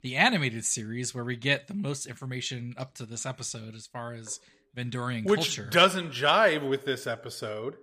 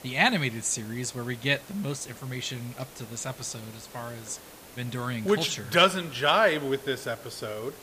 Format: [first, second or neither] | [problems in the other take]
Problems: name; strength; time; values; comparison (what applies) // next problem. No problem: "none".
first | hiss; noticeable; throughout; 20 dB below the speech